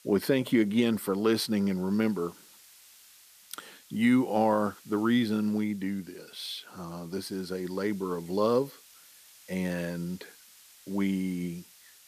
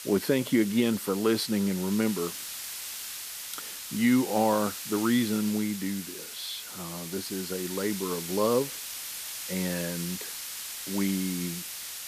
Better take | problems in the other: first | hiss; loud; throughout; 7 dB below the speech; faint in the first

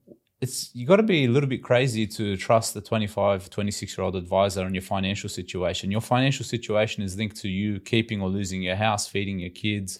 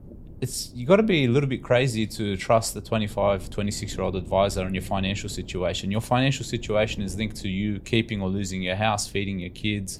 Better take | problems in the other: first | wind noise on the microphone; occasional gusts; 25 dB below the speech

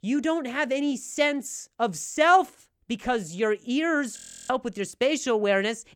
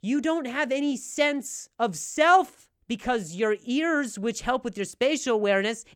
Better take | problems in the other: second | audio freezing; at 4 s

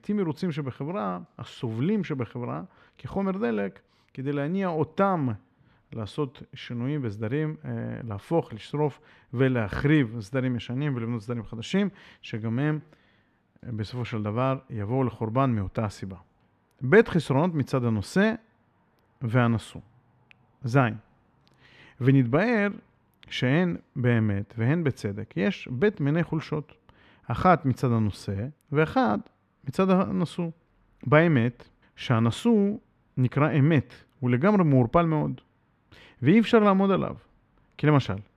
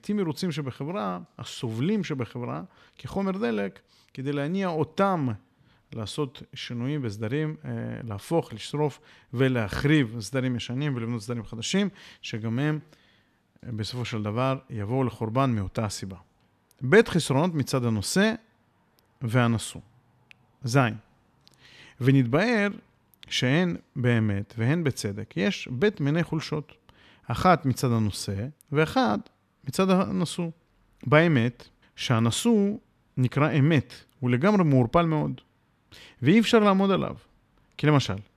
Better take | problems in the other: second | muffled; slightly; fading above 3.5 kHz

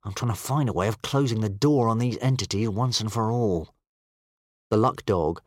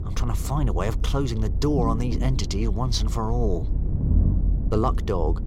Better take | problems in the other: first | low rumble; noticeable; throughout; 10 dB below the speech

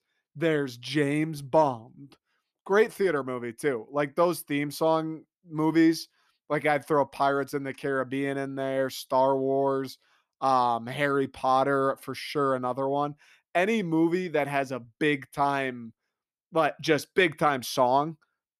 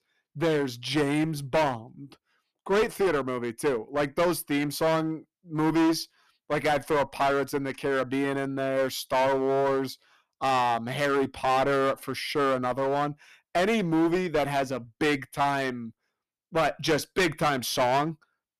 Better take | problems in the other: first | distortion; heavy; 12% of the sound clipped

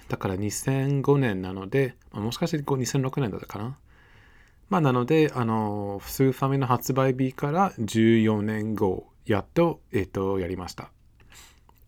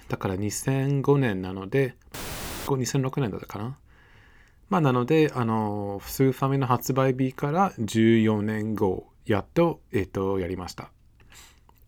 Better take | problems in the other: first | audio cutting out; filled with static; at 2 s for 0.5 s

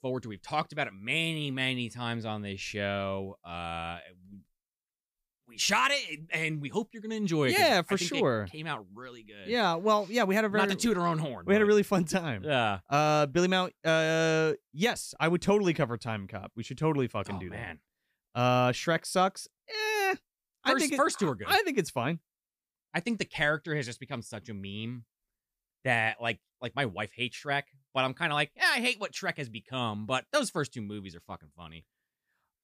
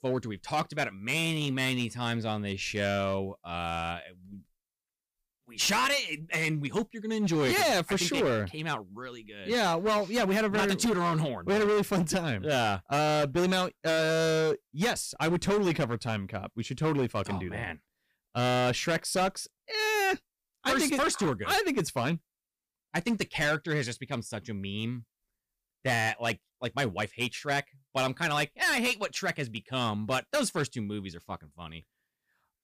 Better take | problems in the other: first | distortion; heavy; 11% of the sound clipped

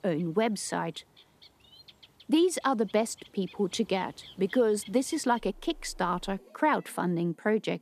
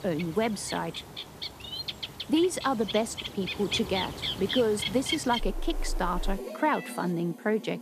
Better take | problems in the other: first | animal sounds; loud; throughout; 6 dB below the speech; faint in the first

